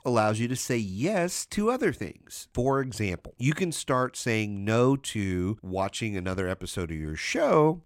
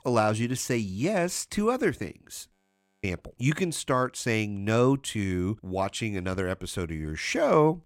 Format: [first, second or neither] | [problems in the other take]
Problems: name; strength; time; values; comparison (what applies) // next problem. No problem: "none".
first | audio freezing; at 2.5 s for 0.5 s